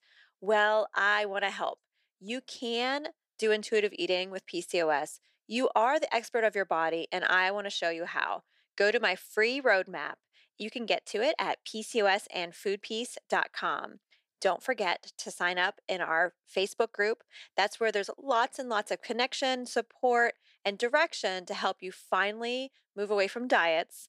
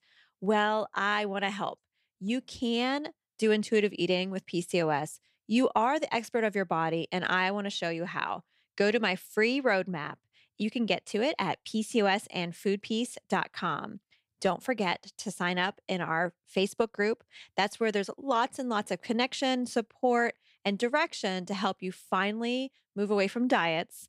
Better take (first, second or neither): second